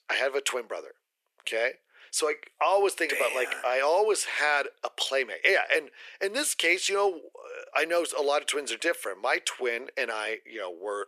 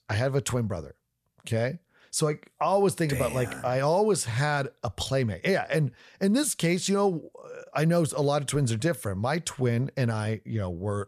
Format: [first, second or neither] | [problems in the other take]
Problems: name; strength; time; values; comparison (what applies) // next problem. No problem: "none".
second | thin; very; fading below 350 Hz